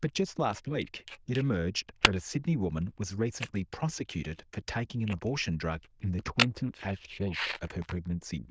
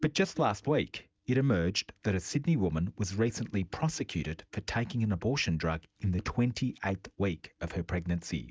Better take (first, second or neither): second